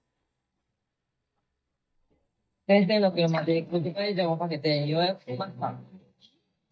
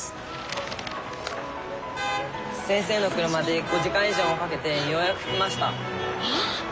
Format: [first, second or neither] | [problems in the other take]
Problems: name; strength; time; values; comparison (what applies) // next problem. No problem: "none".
second | noise reduction (neural mask model DeepFilterNet 3)